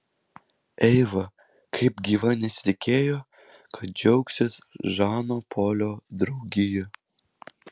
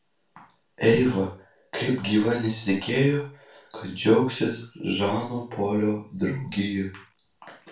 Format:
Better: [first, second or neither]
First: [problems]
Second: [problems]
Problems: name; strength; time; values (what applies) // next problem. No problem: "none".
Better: first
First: none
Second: room echo; dies away in 0.3 s